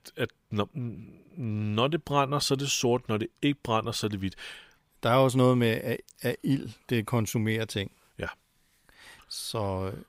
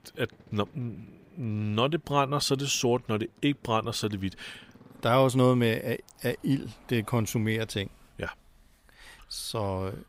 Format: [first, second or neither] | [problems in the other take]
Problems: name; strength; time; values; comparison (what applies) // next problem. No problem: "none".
first | traffic noise; faint; throughout; 30 dB below the speech